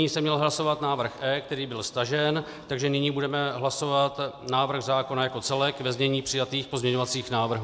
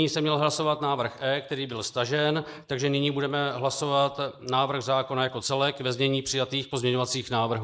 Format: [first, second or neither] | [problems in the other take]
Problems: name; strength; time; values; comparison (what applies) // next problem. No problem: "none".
first | noise reduction (neural mask model Resemble Enhance denoiser)